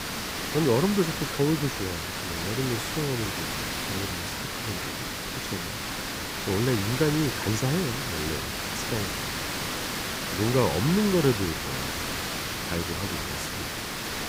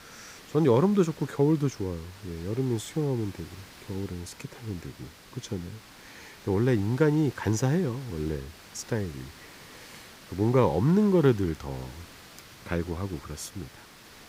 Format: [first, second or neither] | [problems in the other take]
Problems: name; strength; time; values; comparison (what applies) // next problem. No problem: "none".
second | hiss; loud; throughout; 2 dB below the speech; faint in the second